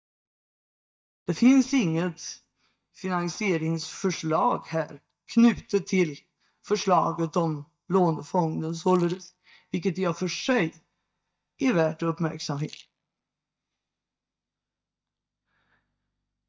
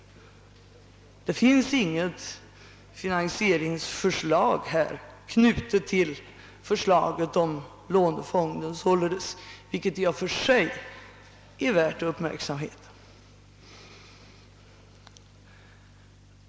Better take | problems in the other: second | noise reduction (neural mask model DeepFilterNet 3)

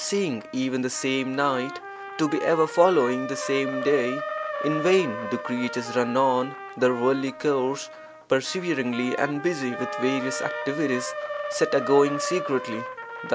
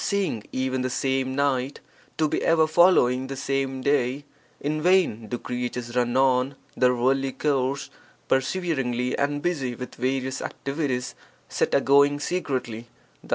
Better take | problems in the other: second | background sound (Trumpet + Wind instrument, woodwind instrument); 8 dB below the speech

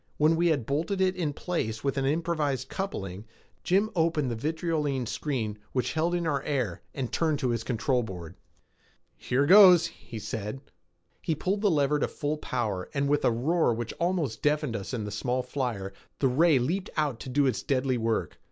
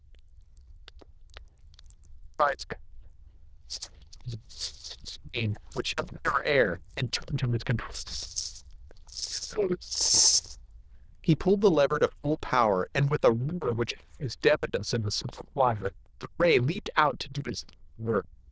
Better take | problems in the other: first | noise reduction (neural diffusion model UNIVERSE++)

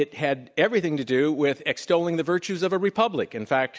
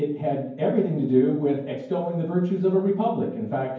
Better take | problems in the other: first | room echo; dies away in 0.9 s

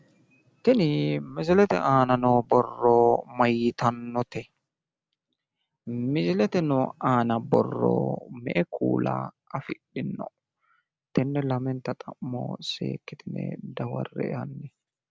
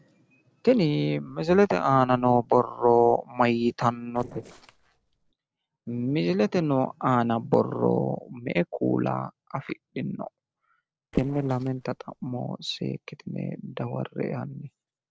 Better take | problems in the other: first | noise reduction (neural separator model SepFormer DNS4)

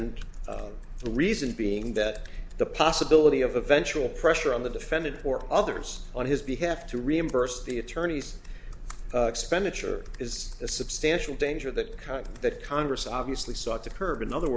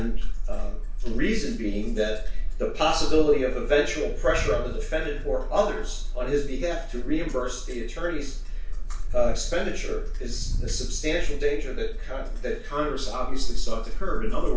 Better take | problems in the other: first | background sound (Wind); 15 dB below the speech // room echo; dies away in 0.3 s

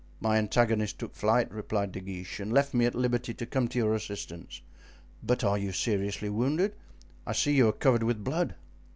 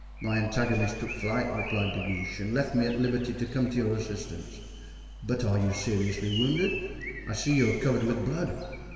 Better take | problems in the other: first | background sound (Bird); 13 dB below the speech // room echo; dies away in 2.5 s

